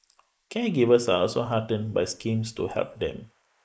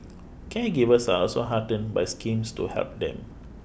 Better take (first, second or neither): second